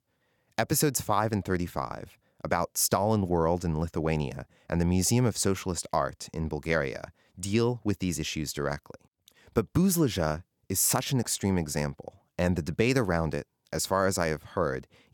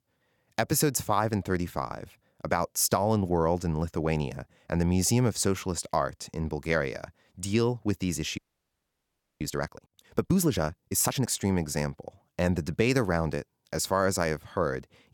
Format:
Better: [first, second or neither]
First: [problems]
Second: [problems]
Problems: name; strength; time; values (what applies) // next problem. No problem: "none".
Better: first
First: none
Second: audio freezing; at 8.5 s for 1 s